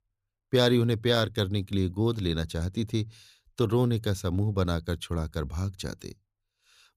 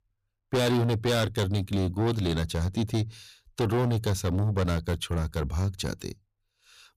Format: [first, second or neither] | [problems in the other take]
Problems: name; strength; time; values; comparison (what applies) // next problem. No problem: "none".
first | distortion; heavy; 7 dB below the speech